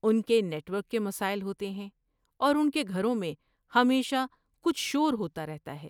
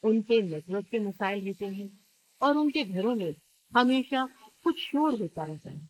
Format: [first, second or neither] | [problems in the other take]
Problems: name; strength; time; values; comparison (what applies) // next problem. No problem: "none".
first | noise reduction (neural mask model Resemble Enhance denoiser)